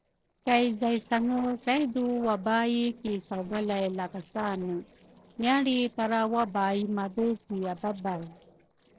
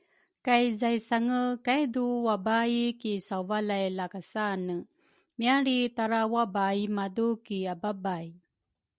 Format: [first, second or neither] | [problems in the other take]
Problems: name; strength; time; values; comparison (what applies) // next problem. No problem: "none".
second | noise reduction (neural separator model SepFormer DNS4)